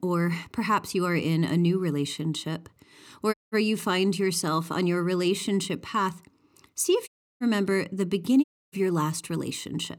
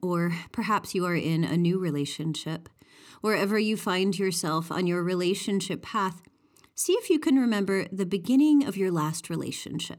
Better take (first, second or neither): second